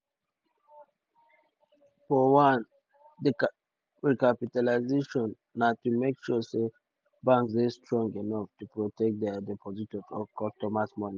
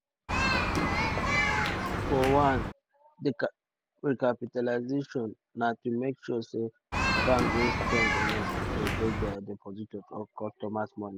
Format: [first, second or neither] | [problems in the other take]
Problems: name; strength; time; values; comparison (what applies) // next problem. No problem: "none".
first | background sound (Human group actions); 4 dB above the speech